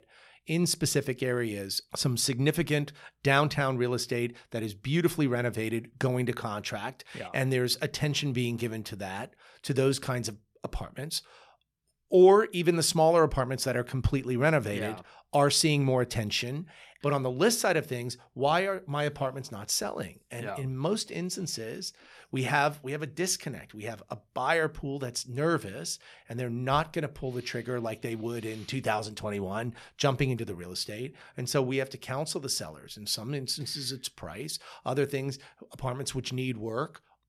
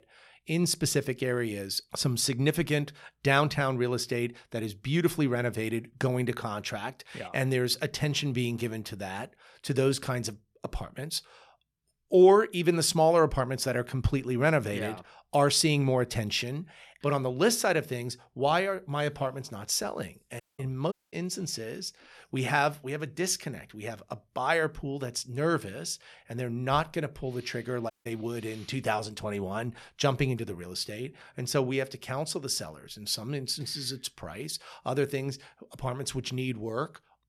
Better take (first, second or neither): first